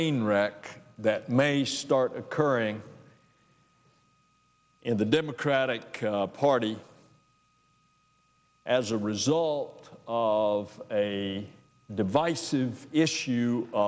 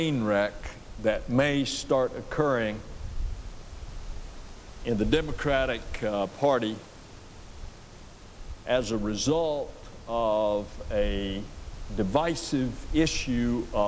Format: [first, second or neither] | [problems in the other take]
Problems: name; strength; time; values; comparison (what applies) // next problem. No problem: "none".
first | background sound (Wind); 9 dB below the speech